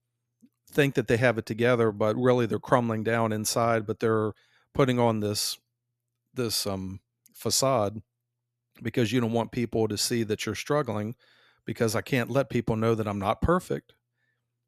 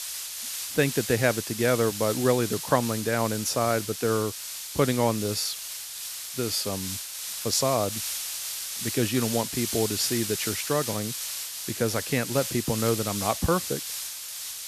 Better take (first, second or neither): first